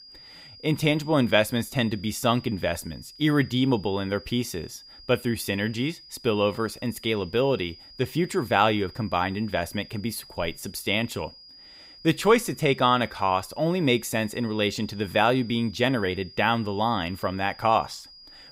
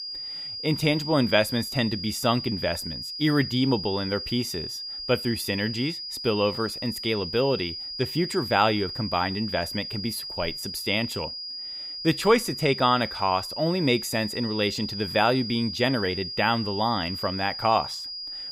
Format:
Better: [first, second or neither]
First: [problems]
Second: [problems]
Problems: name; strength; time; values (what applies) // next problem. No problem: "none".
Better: first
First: high-pitched whine; faint; throughout; 5 kHz, 20 dB below the speech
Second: high-pitched whine; loud; throughout; 5 kHz, 6 dB below the speech